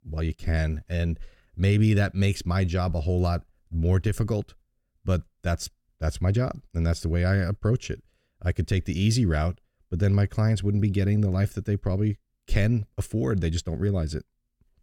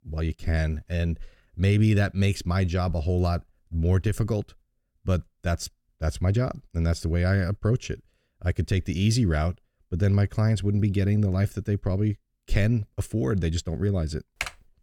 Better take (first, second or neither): first